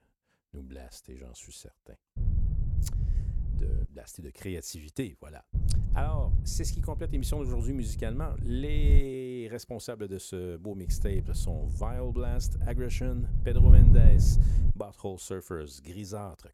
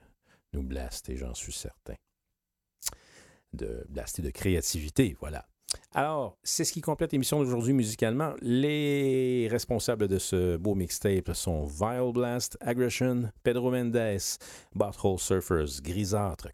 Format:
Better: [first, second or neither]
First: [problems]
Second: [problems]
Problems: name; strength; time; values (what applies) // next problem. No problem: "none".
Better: second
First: wind noise on the microphone; heavy; from 2 to 4 s, from 5.5 to 9 s and from 11 to 15 s; 4 dB below the speech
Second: none